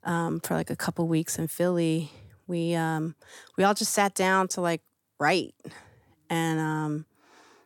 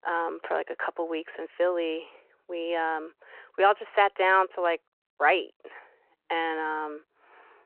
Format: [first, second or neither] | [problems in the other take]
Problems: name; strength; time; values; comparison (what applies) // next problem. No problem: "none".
first | phone-call audio